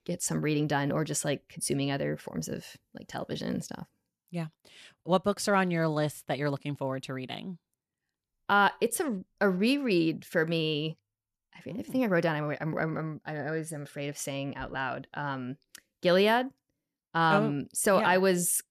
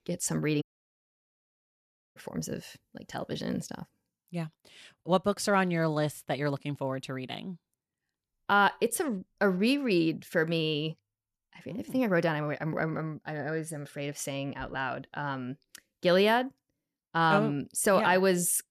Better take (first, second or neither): first